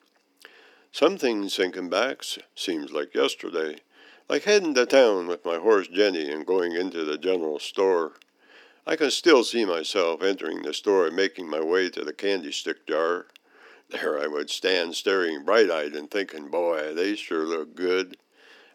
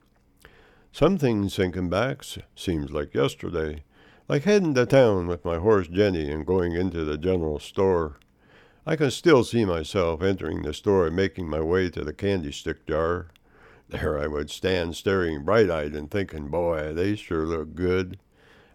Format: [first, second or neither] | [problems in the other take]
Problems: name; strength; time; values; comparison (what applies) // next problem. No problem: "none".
second | thin; somewhat; fading below 250 Hz